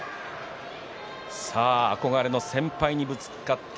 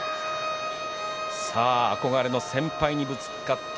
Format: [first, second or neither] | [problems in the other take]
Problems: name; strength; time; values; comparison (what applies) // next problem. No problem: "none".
first | background sound (Bowed string instrument); 6 dB below the speech